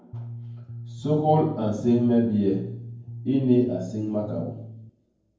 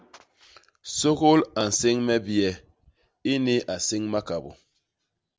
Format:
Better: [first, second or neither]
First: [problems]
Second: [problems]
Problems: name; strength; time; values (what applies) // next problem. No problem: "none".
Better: second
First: background sound (Bass guitar); 13 dB below the speech // room echo; dies away in 0.9 s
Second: none